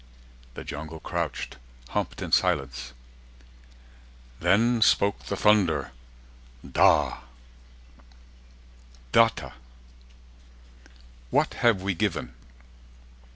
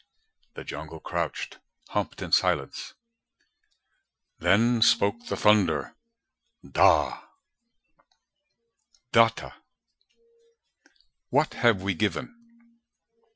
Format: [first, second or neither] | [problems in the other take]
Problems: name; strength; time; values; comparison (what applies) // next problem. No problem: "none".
first | noise reduction (classical method Wiener filter)